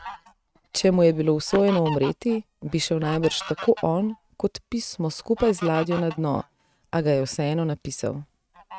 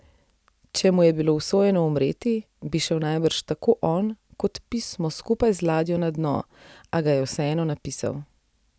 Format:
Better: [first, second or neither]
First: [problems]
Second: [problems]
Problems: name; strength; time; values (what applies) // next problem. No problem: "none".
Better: second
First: noise reduction (neural mask model RNNoise)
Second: none